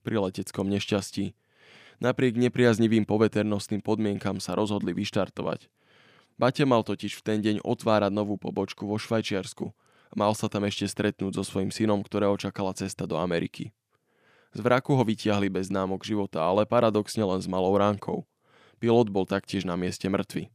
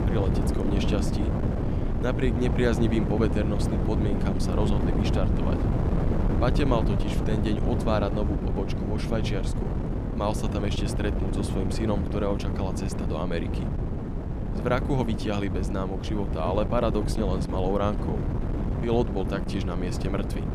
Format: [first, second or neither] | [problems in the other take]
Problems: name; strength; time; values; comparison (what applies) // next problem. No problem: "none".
first | wind noise on the microphone; heavy; 4 dB below the speech